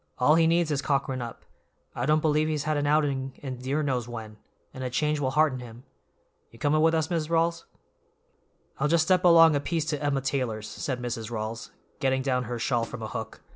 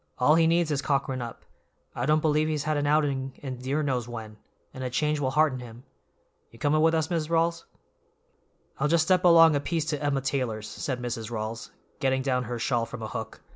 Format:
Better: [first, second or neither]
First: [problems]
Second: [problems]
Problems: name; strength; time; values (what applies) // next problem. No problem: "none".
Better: second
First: background sound (Snare drum); 18 dB below the speech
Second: none